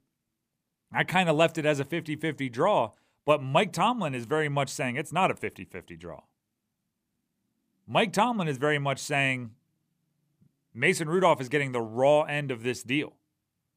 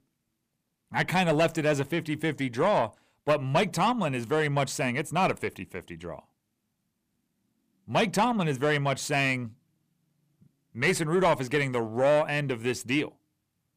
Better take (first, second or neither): first